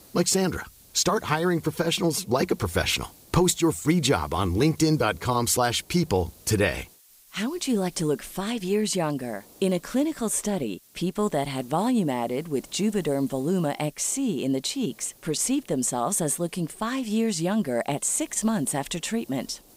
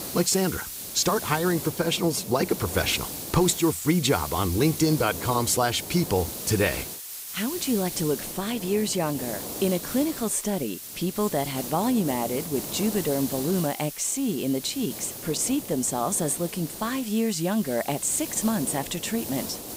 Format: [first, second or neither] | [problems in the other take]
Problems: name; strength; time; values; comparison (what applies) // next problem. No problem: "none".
first | hiss; loud; throughout; 8 dB below the speech; faint in the first